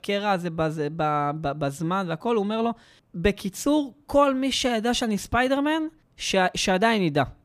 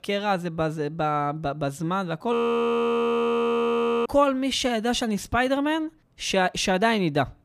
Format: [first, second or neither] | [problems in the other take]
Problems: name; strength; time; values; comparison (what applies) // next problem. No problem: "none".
first | audio freezing; at 2.5 s for 1.5 s